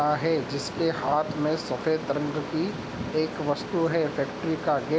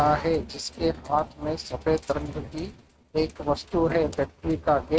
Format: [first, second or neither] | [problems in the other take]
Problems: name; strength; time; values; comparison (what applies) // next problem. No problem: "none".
first | noise reduction (neural mask model RNNoise)